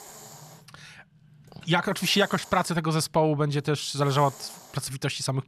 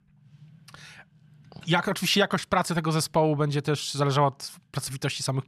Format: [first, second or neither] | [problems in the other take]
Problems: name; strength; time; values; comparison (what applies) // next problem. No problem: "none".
second | hiss; faint; throughout; 20 dB below the speech